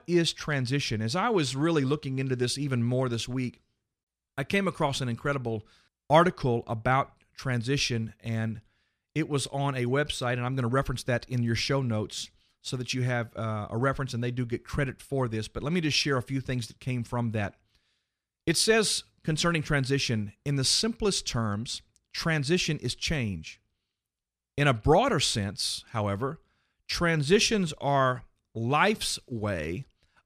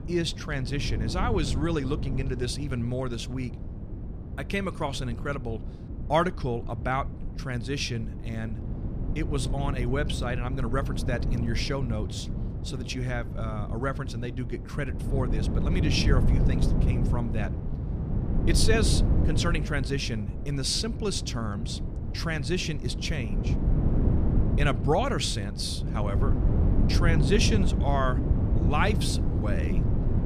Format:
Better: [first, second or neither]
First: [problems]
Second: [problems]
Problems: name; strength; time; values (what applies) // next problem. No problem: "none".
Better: first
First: none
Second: wind noise on the microphone; heavy; 8 dB below the speech